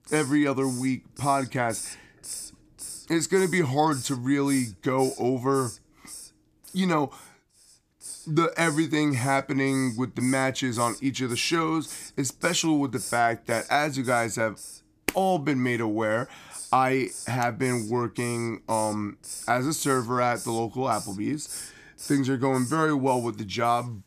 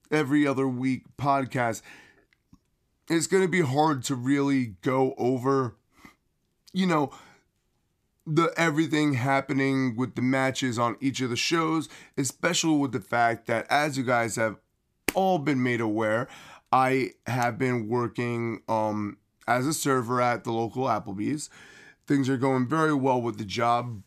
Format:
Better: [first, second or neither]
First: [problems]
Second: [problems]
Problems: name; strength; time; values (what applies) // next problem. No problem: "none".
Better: second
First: hiss; noticeable; throughout; 15 dB below the speech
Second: none